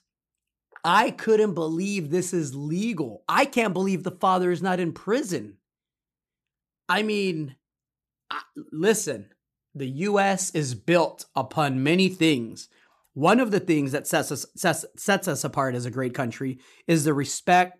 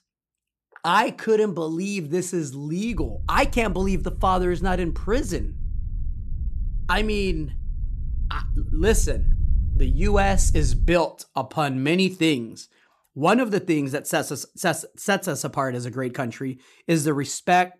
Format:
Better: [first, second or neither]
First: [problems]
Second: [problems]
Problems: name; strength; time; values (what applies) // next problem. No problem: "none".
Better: first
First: none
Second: low rumble; faint; from 3 to 11 s; 25 dB below the speech